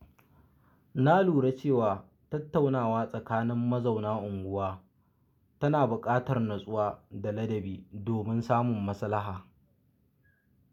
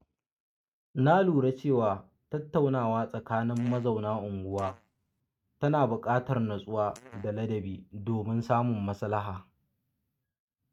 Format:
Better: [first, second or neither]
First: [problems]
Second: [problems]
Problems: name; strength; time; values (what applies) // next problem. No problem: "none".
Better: first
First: none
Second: noise reduction (neural mask model RNNoise)